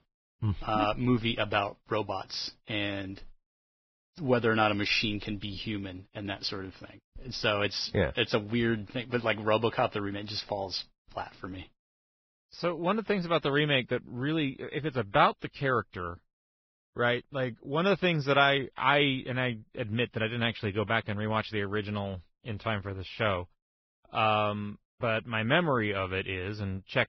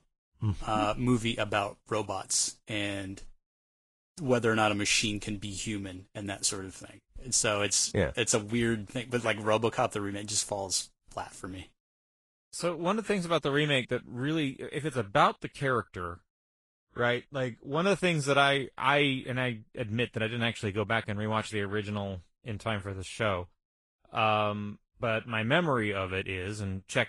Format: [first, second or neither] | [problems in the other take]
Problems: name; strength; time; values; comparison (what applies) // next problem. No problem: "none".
second | garbled, watery; badly; nothing above 5.5 kHz; slightly in the second